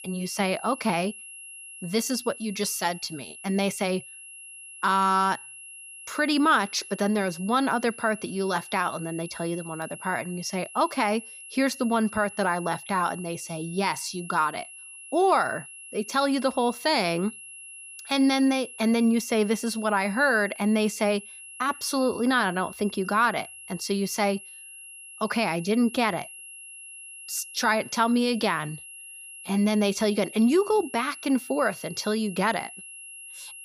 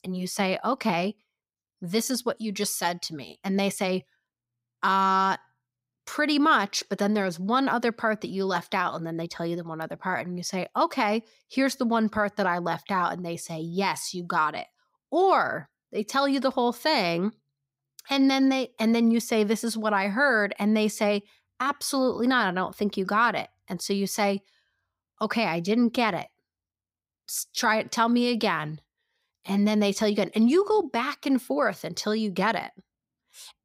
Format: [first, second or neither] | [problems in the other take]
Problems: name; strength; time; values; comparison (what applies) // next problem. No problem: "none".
second | high-pitched whine; noticeable; throughout; 3 kHz, 15 dB below the speech